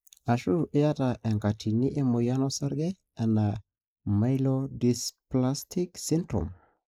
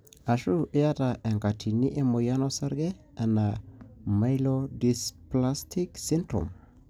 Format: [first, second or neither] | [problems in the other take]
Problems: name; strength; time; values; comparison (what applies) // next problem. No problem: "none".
second | noise reduction (neural mask model Resemble Enhance denoiser)